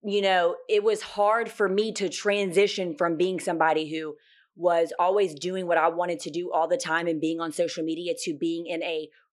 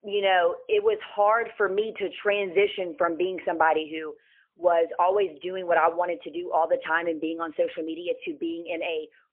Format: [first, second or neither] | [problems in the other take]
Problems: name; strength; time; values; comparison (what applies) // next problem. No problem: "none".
first | phone-call audio; poor line; nothing above 3 kHz